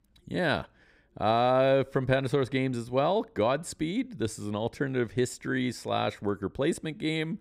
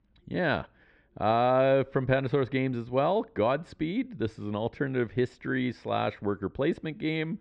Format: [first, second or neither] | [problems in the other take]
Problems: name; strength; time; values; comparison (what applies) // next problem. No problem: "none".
first | muffled; slightly; fading above 3.5 kHz